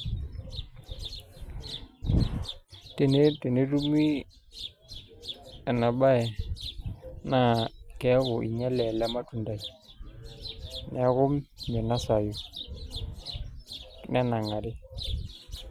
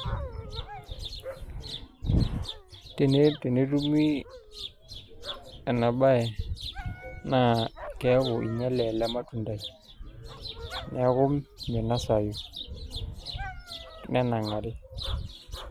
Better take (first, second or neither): first